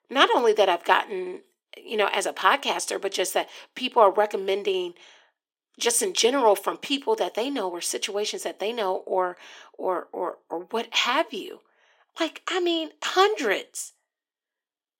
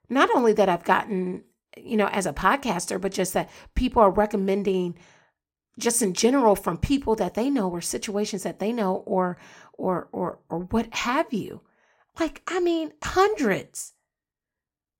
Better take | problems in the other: second | thin; somewhat; fading below 350 Hz

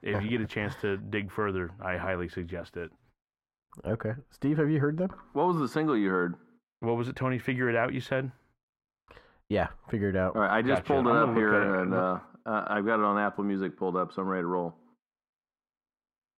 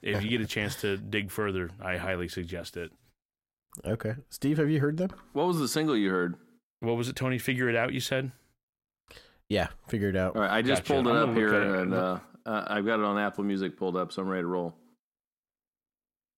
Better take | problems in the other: second | muffled; very; fading above 3.5 kHz

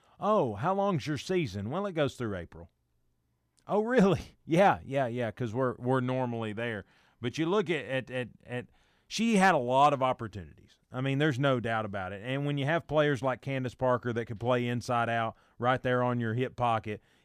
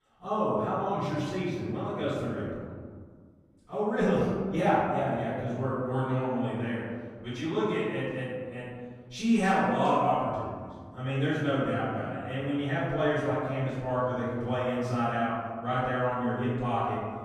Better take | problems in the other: first | off-mic speech; far // room echo; strong; dies away in 1.7 s

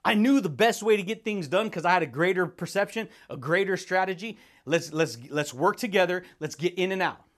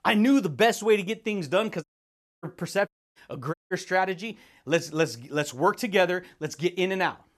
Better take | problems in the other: first | audio cutting out; at 2 s for 0.5 s, at 3 s and at 3.5 s

